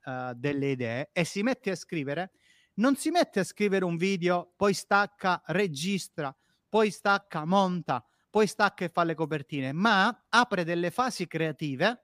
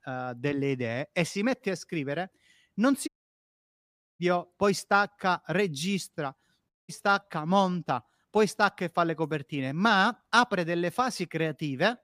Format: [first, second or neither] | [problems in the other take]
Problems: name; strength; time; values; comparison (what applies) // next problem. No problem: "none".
first | audio cutting out; at 3 s for 1 s and at 6.5 s